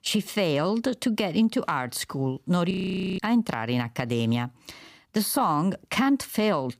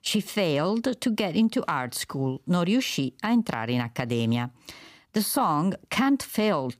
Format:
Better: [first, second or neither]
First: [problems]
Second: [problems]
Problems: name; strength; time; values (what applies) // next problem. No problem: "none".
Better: second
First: audio freezing; at 2.5 s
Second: none